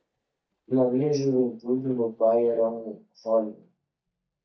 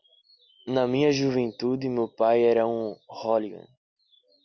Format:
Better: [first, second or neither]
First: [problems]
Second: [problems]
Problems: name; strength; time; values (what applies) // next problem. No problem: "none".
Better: second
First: noise reduction (neural mask model DeepFilterNet 3)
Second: none